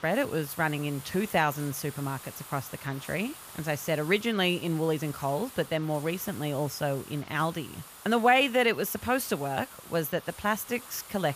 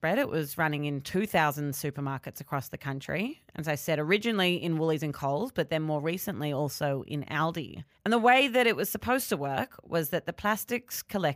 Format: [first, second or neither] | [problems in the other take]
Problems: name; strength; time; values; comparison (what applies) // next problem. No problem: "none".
second | hiss; noticeable; throughout; 15 dB below the speech